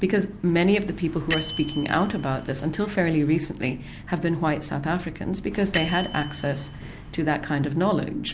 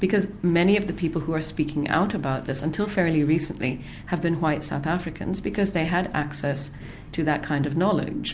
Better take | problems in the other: second | background sound (Bell); 12 dB below the speech

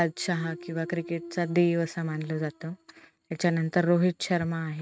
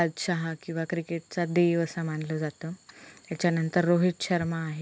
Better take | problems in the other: second | noise reduction (neural mask model RNNoise)

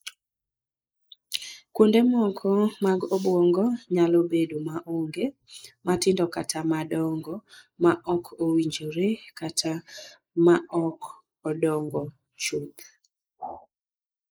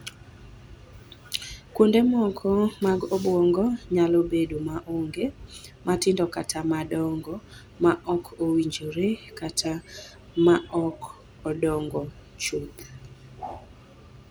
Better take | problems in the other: second | noise reduction (neural mask model Resemble Enhance denoiser)

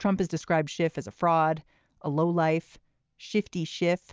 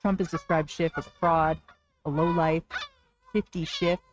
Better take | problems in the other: first | noise reduction (neural mask model RNNoise)

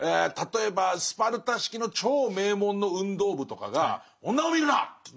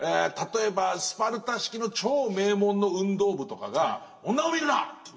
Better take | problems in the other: first | room echo; dies away in 1.2 s

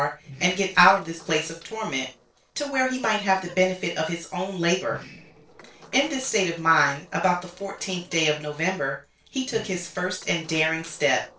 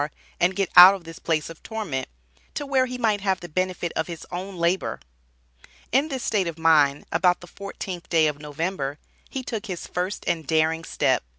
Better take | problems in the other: second | noise reduction (neural separator model SepFormer DNS4)

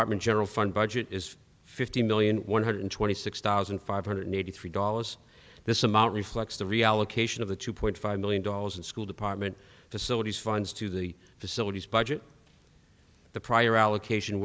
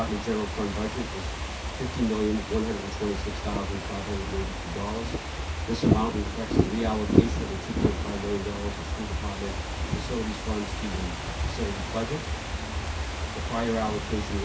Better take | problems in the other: first | background sound (Fireworks / Ocean); 2 dB above the speech // room echo; dies away in 0.3 s

